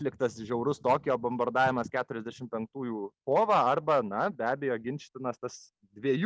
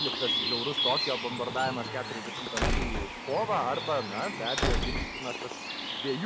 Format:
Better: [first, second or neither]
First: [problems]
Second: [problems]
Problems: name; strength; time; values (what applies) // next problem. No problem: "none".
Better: first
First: none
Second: background sound (Squeak / Slam / Wood + Bird); 2 dB above the speech